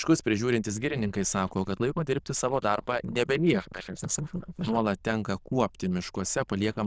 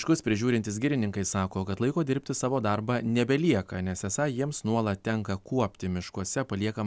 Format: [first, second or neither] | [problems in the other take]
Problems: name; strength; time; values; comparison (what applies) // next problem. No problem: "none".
second | noise reduction (neural diffusion model UNIVERSE++)